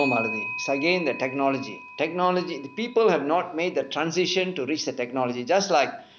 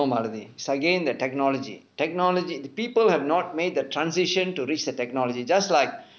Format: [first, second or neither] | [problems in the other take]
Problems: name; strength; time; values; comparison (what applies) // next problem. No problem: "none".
second | background sound (Clock); 13 dB below the speech